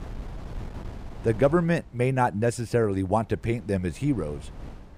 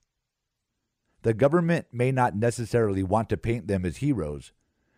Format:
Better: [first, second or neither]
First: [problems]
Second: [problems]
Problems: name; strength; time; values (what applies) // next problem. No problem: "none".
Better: second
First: wind noise on the microphone; occasional gusts; 20 dB below the speech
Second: none